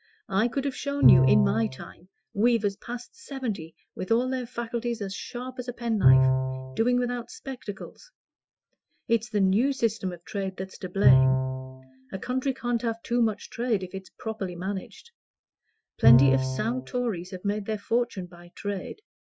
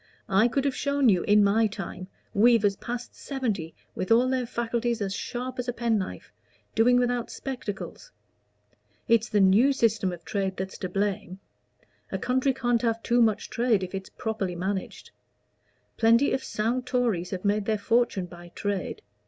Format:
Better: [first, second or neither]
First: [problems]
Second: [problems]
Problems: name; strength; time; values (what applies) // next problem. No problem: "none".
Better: second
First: noise reduction (classical method Wiener filter)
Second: none